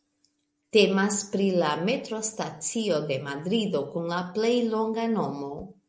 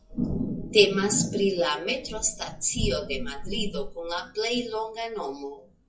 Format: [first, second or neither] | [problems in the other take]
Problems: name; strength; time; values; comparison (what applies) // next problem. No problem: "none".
first | noise reduction (classical method WPE with log-MMSE)